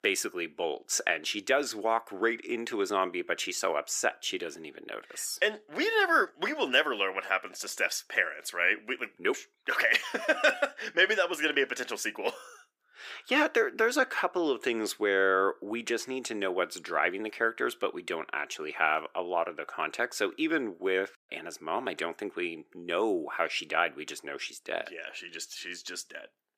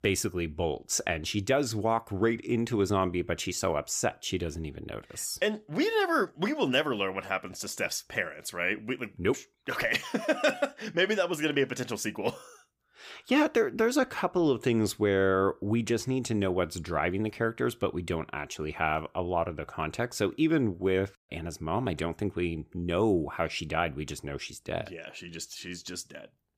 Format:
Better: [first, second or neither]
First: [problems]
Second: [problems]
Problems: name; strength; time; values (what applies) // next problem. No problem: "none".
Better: second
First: thin; somewhat; fading below 350 Hz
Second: none